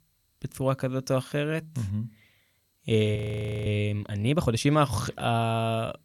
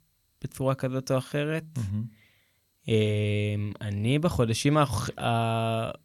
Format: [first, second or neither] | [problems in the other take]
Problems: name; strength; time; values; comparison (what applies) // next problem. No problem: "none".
second | audio freezing; at 3 s for 0.5 s